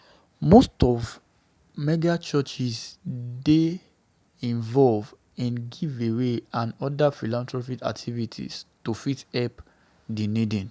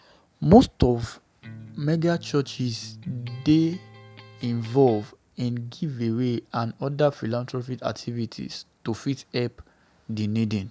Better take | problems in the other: first | background sound (Electric guitar); 20 dB below the speech

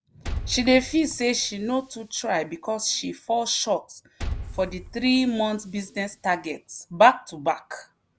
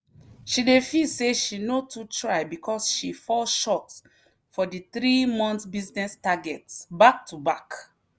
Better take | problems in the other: second | background sound (Liquid); 13 dB below the speech

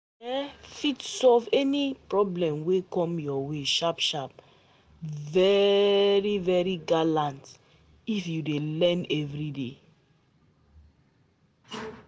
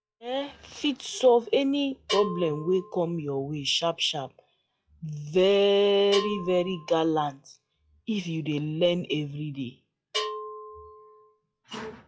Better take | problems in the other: first | noise reduction (classical method log-MMSE)

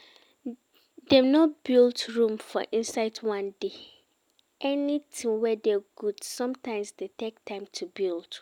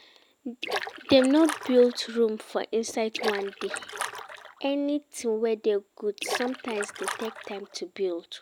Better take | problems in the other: first | background sound (Splash, splatter); 8 dB below the speech

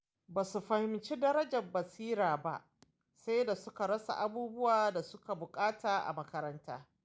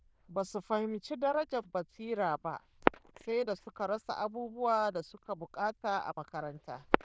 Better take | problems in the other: first | noise reduction (neural diffusion model UNIVERSE++)

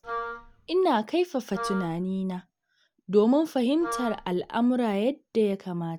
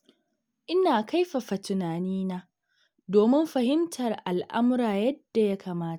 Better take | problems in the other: second | background sound (Wind instrument, woodwind instrument); 11 dB below the speech

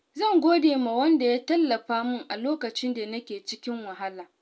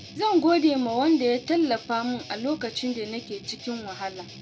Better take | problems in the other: first | background sound (Guitar); 18 dB below the speech

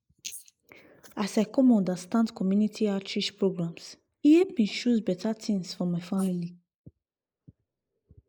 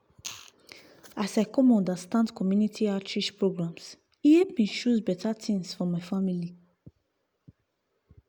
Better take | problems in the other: second | noise reduction (neural mask model Resemble Enhance denoiser)

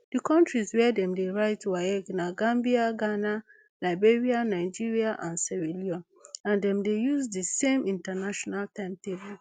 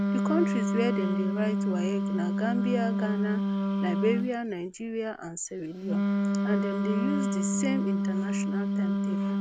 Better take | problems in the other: first | background sound (Wind instrument, woodwind instrument); 4 dB above the speech

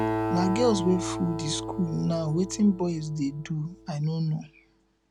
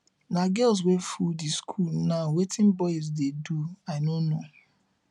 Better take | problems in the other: second | background sound (Acoustic guitar); 6 dB below the speech

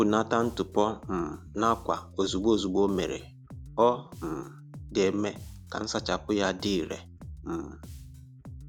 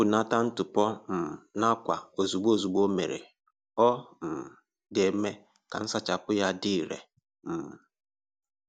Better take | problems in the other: second | background sound (Bass guitar); 15 dB below the speech

